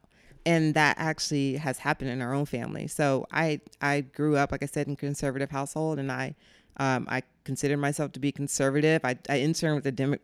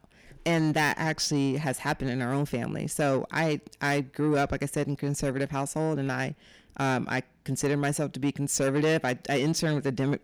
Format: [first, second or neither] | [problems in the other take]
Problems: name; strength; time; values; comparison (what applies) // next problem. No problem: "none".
first | distortion; slight; 10 dB below the speech